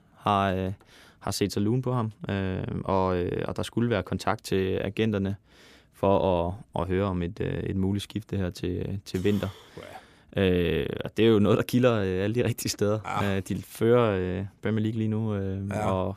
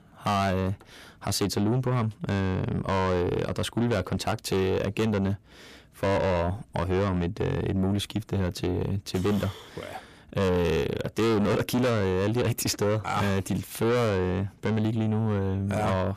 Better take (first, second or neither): first